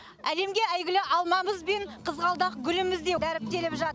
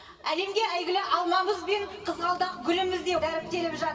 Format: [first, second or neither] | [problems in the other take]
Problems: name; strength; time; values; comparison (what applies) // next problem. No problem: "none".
first | room echo; dies away in 2.3 s